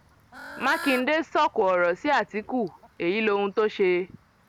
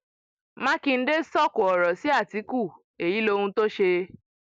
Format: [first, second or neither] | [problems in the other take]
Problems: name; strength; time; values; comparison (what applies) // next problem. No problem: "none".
second | background sound (Bird / Fowl); 18 dB below the speech